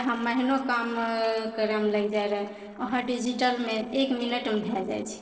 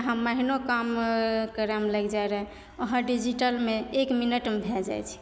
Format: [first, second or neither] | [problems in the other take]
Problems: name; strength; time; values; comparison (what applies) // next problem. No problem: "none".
second | noise reduction (neural separator model SepFormer DNS4)